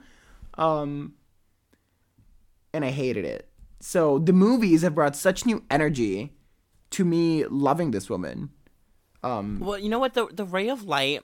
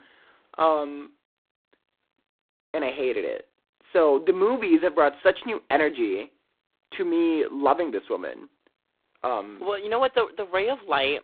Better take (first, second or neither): first